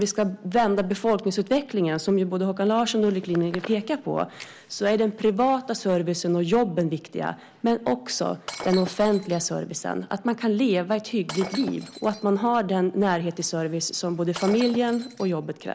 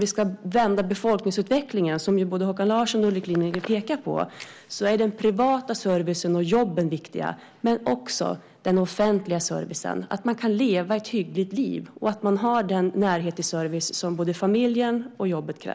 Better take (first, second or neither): second